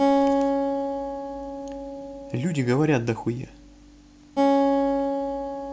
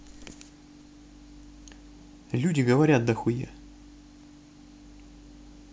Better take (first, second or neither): second